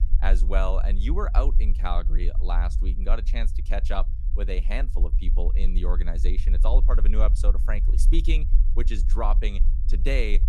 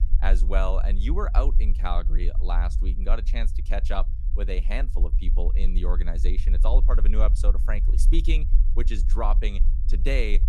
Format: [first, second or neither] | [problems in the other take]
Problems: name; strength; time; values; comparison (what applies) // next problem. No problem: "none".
neither | low rumble; noticeable; throughout; 15 dB below the speech; the same in both